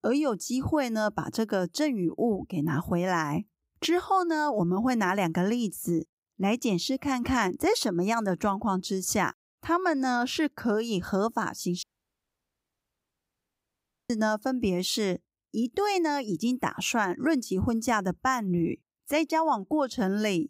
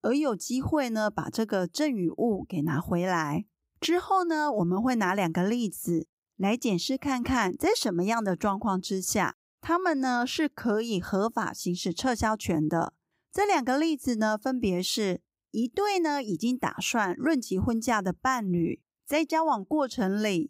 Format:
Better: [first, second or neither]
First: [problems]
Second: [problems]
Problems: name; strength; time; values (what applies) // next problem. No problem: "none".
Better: second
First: audio cutting out; at 12 s for 2.5 s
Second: none